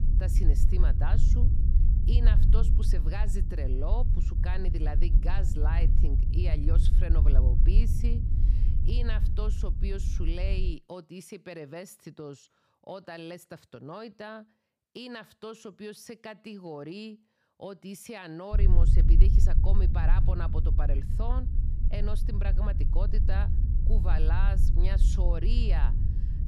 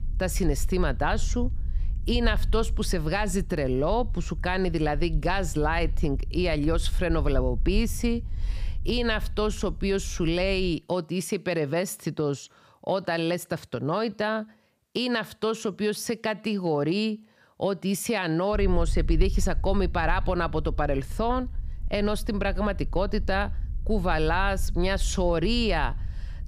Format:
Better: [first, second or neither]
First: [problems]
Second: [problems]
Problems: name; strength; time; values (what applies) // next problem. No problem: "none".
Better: second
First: low rumble; loud; until 11 s and from 19 s on; 4 dB below the speech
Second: low rumble; faint; until 11 s and from 19 s on; 25 dB below the speech